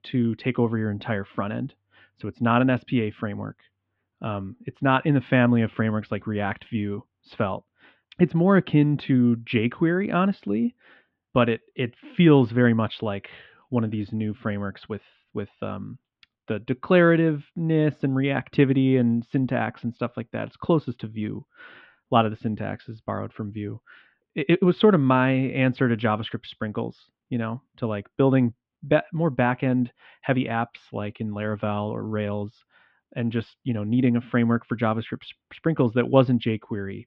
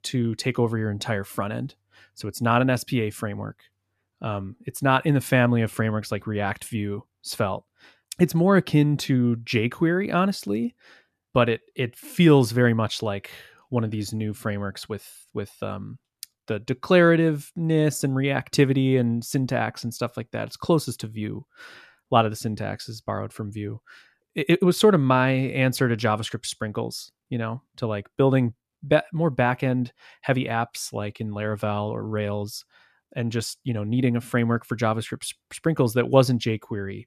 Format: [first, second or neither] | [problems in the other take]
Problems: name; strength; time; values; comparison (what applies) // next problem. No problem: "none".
second | muffled; very; fading above 3.5 kHz